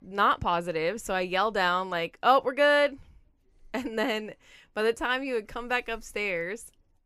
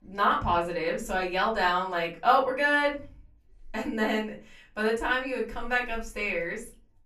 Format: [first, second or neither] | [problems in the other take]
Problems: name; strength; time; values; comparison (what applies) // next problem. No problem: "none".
first | off-mic speech; far // room echo; very slight; dies away in 0.3 s